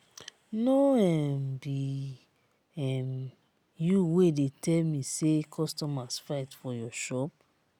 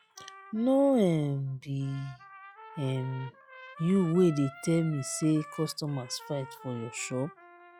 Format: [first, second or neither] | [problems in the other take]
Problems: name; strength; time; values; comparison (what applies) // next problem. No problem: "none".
first | noise reduction (classical method log-MMSE)